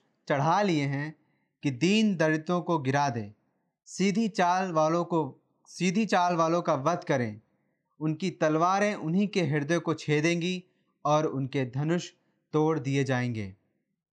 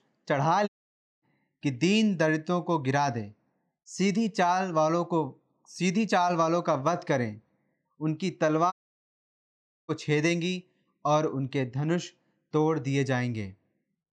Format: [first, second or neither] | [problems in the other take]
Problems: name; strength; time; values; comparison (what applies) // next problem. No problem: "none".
first | audio cutting out; at 0.5 s for 0.5 s and at 8.5 s for 1 s